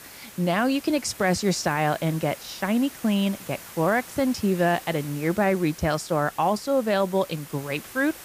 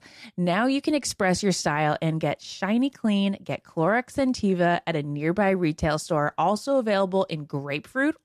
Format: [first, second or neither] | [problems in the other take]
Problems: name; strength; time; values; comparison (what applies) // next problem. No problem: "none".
second | hiss; noticeable; throughout; 15 dB below the speech